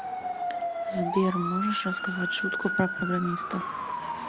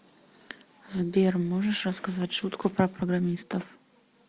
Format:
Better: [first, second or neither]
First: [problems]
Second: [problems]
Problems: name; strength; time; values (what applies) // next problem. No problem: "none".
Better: second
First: background sound (Motor vehicle (road) / Siren); 1 dB below the speech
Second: none